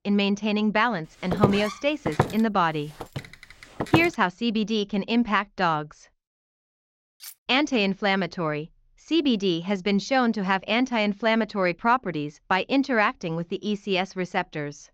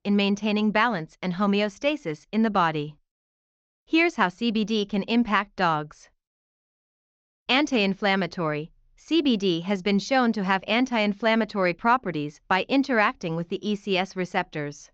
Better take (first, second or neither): second